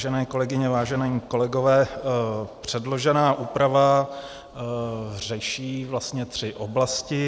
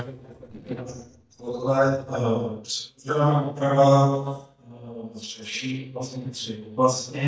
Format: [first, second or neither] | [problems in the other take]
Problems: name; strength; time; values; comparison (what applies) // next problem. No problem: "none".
first | noise reduction (neural mask model DeepFilterNet 3)